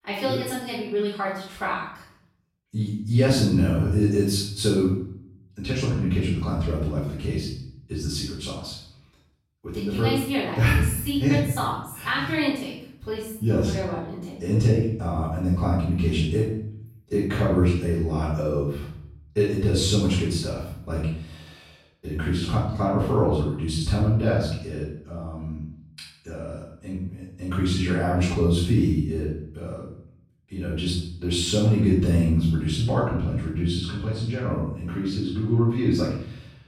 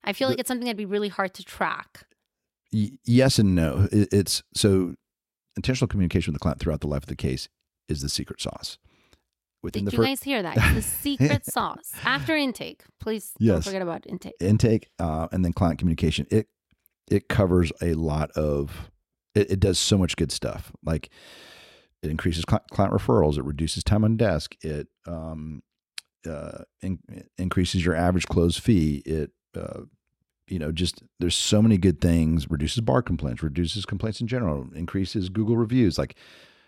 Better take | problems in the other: second | off-mic speech; far // room echo; noticeable; dies away in 0.6 s

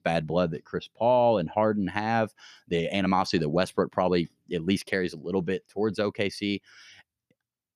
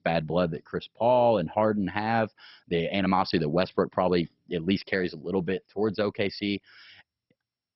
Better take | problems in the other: first | garbled, watery; badly; nothing above 5.5 kHz

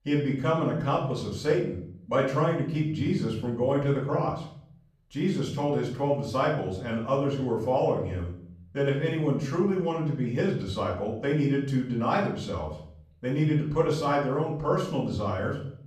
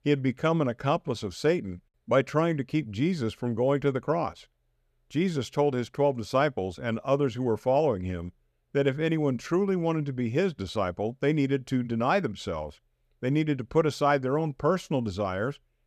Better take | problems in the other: second | off-mic speech; far // room echo; noticeable; dies away in 0.6 s

